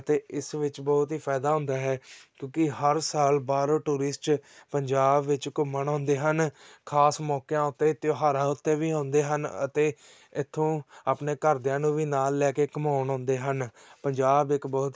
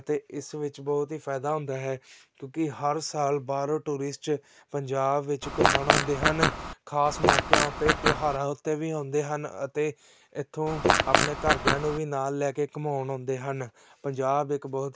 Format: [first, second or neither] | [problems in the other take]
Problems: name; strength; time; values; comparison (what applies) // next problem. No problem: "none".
first | background sound (Fart); 5 dB above the speech